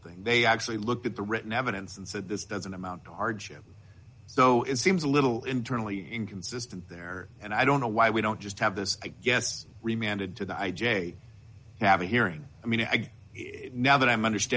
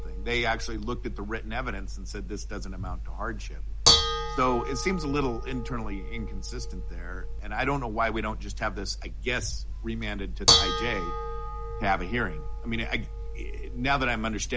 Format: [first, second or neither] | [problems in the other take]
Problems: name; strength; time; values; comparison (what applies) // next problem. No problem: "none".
first | background sound (Dishes, pots, and pans / Bell); 2 dB above the speech